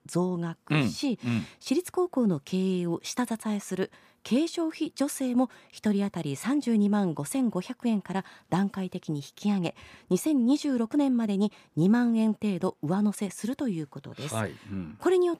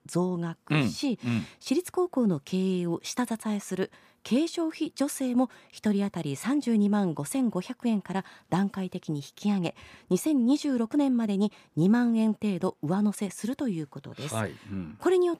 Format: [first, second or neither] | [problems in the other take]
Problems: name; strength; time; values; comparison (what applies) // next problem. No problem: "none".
neither | none